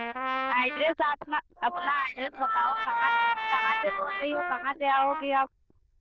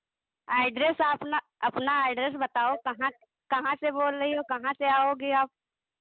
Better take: second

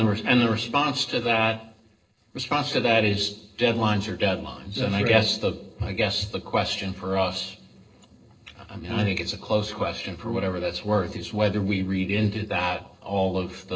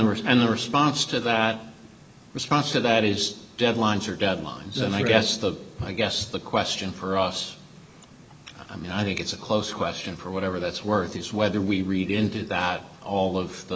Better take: second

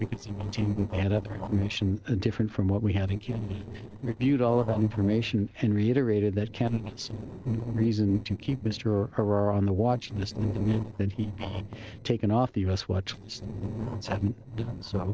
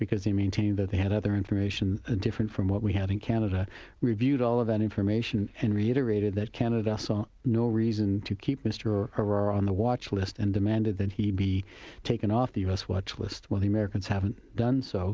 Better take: second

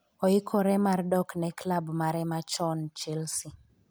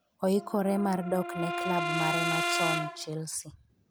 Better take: first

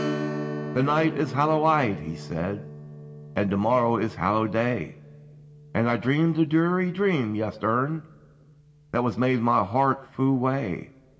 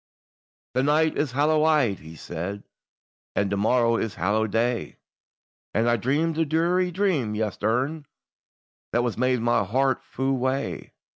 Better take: second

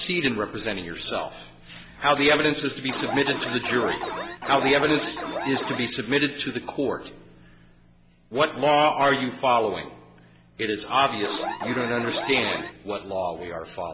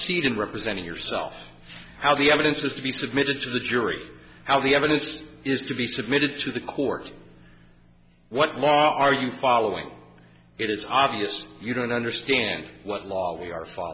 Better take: second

